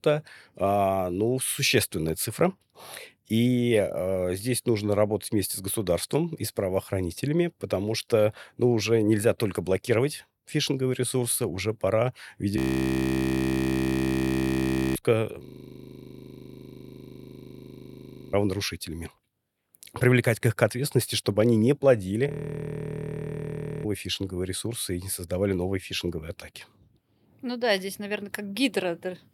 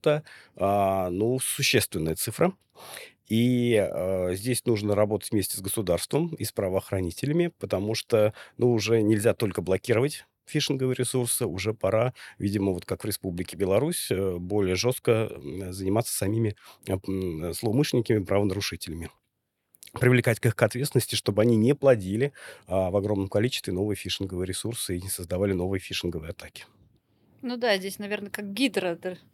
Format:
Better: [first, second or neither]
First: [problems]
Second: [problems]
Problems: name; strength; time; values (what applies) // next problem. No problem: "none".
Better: second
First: audio freezing; at 13 s for 2.5 s, at 15 s for 3 s and at 22 s for 1.5 s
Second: none